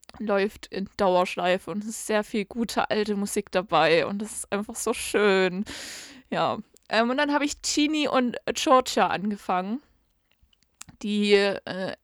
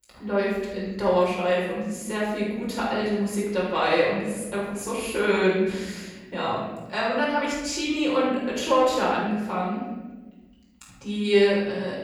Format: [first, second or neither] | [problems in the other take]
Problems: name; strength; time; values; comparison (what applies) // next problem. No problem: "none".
first | room echo; strong; dies away in 1.3 s // off-mic speech; far